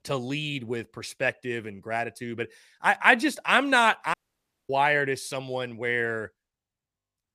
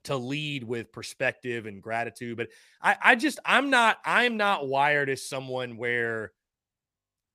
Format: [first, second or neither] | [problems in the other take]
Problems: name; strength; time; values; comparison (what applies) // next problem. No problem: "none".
second | audio cutting out; at 4 s for 0.5 s